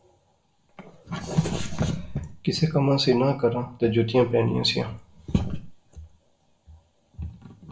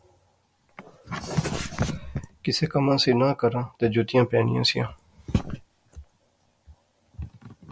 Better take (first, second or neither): second